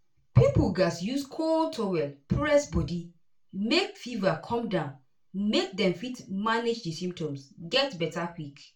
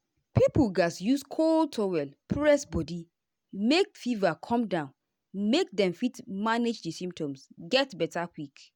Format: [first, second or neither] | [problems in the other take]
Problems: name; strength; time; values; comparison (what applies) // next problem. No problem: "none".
second | room echo; dies away in 0.3 s